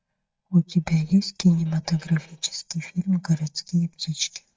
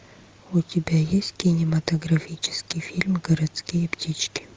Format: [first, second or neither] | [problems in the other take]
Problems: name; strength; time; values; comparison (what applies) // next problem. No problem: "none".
second | noise reduction (neural mask model DeepFilterNet 3)